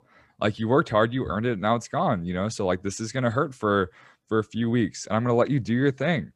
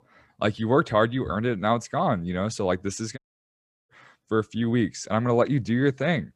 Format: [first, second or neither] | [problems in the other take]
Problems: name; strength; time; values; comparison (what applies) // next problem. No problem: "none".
first | audio cutting out; at 3 s for 0.5 s